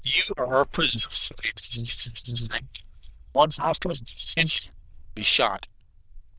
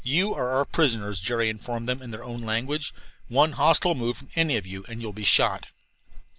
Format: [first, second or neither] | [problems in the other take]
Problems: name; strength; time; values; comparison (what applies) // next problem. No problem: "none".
second | noise reduction (neural diffusion model UNIVERSE++)